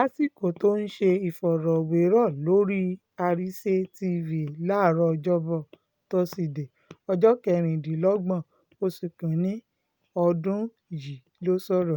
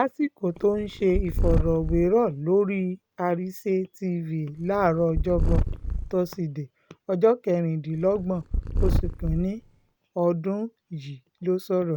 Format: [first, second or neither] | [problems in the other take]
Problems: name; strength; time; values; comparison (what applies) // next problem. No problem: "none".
first | background sound (Purr); 2 dB below the speech